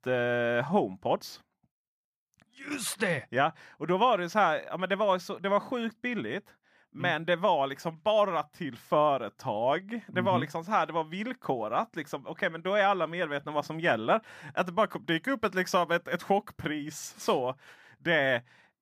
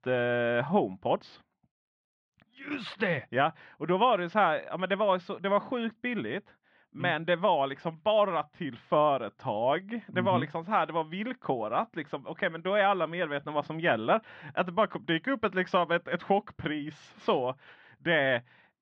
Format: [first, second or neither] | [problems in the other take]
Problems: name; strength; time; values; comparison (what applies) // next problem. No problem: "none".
first | muffled; slightly; fading above 3.5 kHz